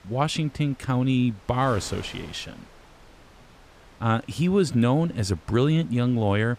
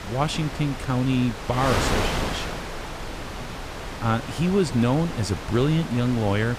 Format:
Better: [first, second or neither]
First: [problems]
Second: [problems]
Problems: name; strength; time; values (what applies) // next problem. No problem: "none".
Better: first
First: wind noise on the microphone; occasional gusts; 20 dB below the speech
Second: wind noise on the microphone; heavy; 3 dB below the speech